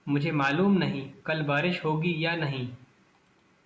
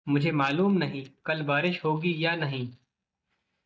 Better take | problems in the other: first | noise reduction (neural mask model DeepFilterNet 3)

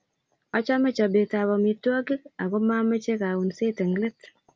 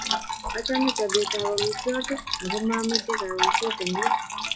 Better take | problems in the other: first | noise reduction (classical method log-MMSE)

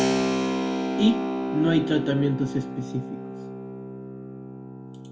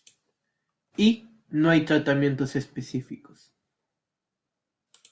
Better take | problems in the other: second | background sound (Keyboard (musical)); 1 dB below the speech // room echo; dies away in 0.8 s

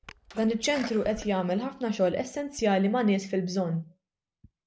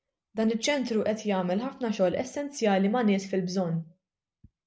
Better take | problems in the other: second | background sound (Sneeze); 18 dB below the speech

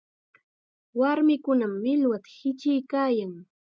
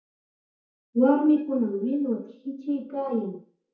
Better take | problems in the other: first | noise reduction (neural mask model DeepFilterNet 3)

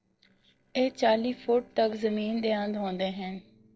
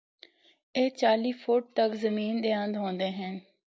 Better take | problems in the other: second | noise reduction (neural separator model SepFormer DNS4)

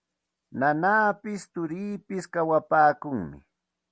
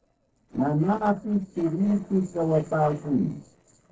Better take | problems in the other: first | noise reduction (neural separator model SepFormer DNS4)

